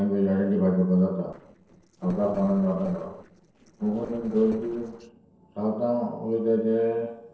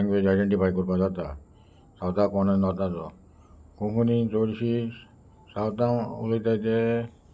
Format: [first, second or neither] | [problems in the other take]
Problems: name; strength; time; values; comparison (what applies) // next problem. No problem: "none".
second | noise reduction (neural separator model SepFormer DNS4)